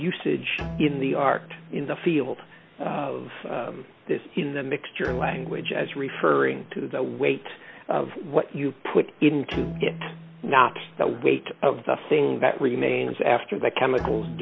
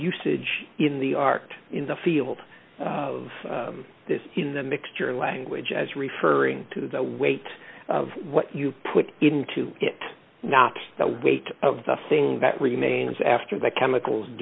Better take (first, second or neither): second